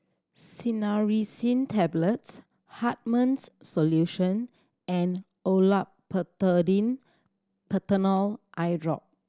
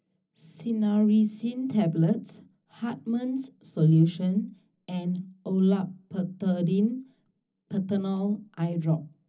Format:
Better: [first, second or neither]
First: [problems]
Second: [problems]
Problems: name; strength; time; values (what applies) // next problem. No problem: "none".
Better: first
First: none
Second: room echo; dies away in 0.4 s